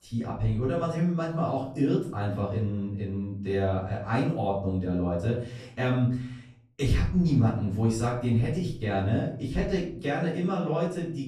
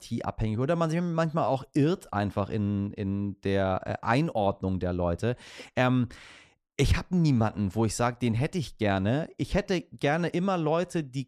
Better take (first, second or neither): second